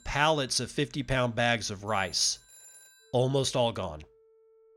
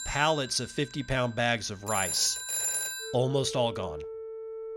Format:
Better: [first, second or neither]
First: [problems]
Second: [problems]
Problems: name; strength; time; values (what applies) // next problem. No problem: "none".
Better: first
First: alarms or sirens; faint; throughout; 25 dB below the speech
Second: alarms or sirens; loud; throughout; 4 dB below the speech